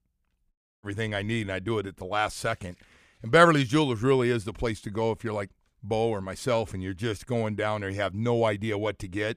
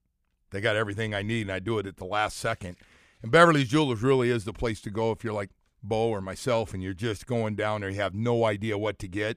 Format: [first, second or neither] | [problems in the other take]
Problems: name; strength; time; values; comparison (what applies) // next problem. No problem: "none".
second | audio cutting out; at 0.5 s